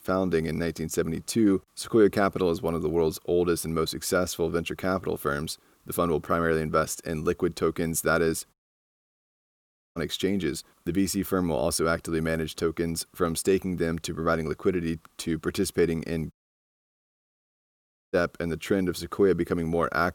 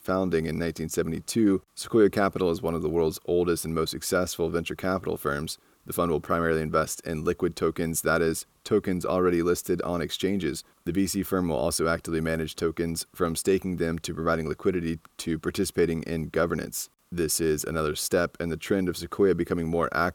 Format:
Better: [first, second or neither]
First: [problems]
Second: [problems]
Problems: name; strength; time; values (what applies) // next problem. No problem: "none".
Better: second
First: audio cutting out; at 8.5 s for 1.5 s and at 16 s for 2 s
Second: none